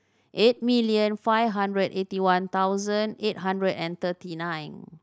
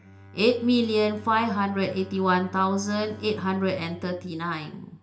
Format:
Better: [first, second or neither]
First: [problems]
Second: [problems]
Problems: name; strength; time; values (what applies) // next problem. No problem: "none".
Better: first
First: none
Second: background sound (Bowed string instrument); 18 dB below the speech // room echo; dies away in 0.5 s